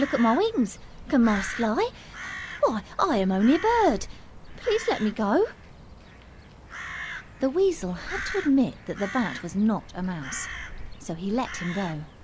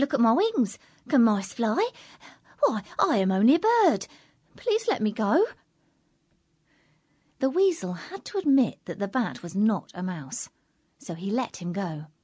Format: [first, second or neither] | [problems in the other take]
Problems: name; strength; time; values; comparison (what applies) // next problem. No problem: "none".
second | background sound (Crow); 12 dB below the speech